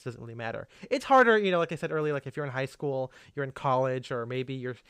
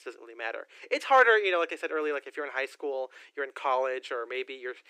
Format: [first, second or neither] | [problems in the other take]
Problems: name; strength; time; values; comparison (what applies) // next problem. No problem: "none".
first | thin; very; fading below 300 Hz